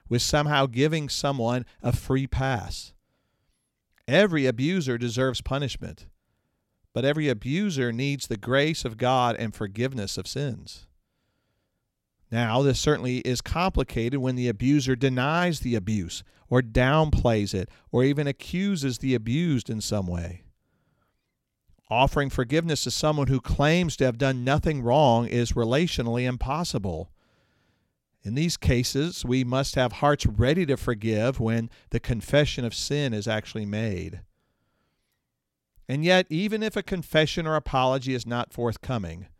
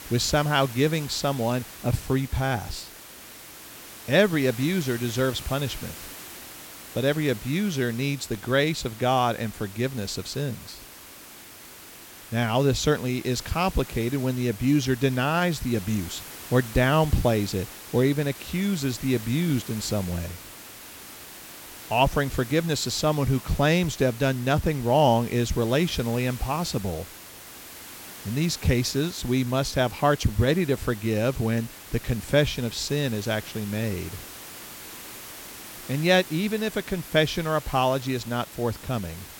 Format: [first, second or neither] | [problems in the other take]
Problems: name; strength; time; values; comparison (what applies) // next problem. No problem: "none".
first | hiss; noticeable; throughout; 15 dB below the speech